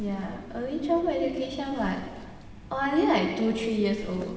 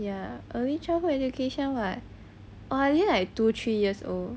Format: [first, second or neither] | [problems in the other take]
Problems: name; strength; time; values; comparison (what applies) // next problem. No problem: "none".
second | background sound (Wind); 18 dB below the speech // room echo; dies away in 1.3 s